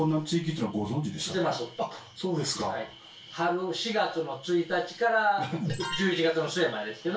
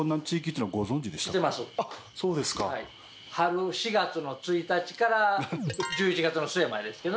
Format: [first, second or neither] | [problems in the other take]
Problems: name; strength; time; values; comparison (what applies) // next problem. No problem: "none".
second | room echo; dies away in 0.2 s